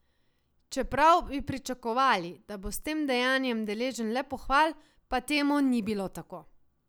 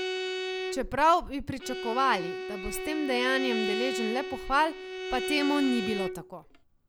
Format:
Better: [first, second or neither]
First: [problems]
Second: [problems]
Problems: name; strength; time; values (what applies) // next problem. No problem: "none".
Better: first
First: none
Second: background sound (Bowed string instrument); 4 dB below the speech